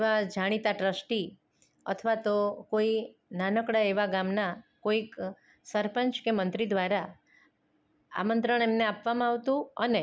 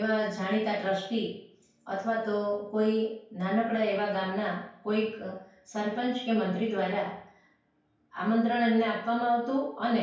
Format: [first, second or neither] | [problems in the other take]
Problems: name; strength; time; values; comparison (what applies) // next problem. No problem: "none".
first | room echo; dies away in 0.5 s